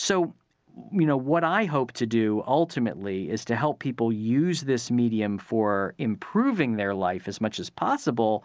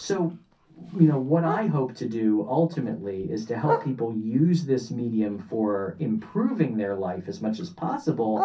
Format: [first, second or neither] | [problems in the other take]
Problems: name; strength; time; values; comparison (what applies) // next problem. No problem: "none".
first | background sound (Bark); 11 dB below the speech // room echo; dies away in 0.3 s